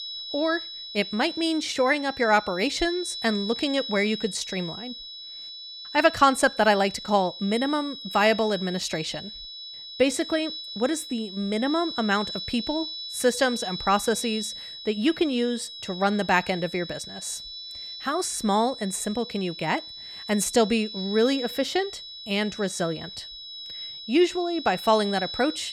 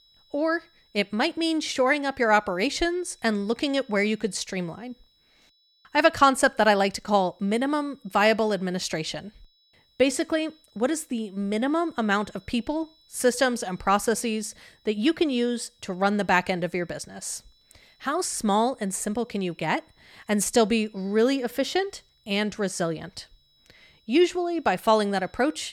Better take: second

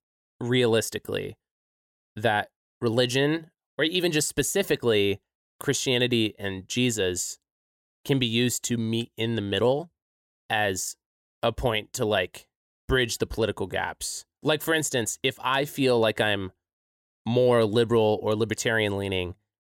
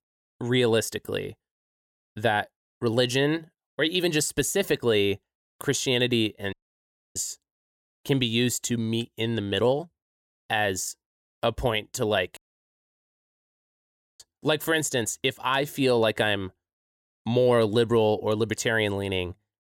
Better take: first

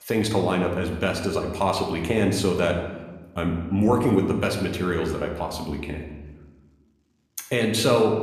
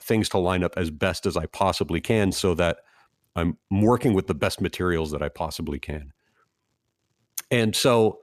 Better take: second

